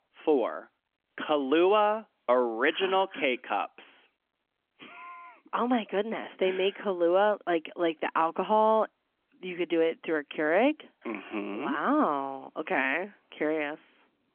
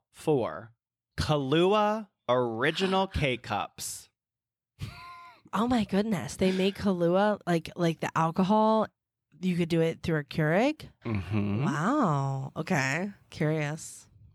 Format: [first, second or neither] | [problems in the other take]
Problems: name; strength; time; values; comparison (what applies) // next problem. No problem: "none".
second | phone-call audio; nothing above 3.5 kHz